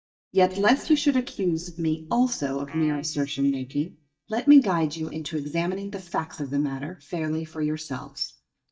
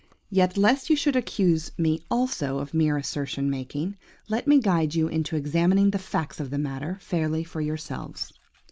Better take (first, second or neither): second